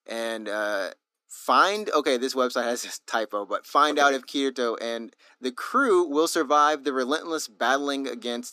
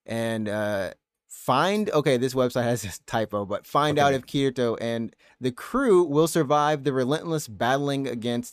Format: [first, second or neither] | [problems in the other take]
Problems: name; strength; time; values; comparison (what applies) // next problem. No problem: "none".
second | thin; very slightly; fading below 250 Hz